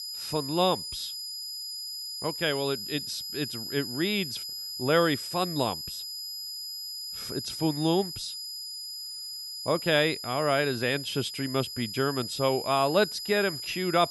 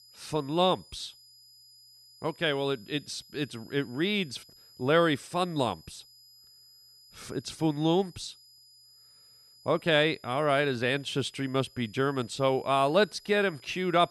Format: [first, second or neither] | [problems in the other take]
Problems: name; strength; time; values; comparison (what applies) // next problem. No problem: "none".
second | high-pitched whine; loud; throughout; 5 kHz, 6 dB below the speech; faint in the second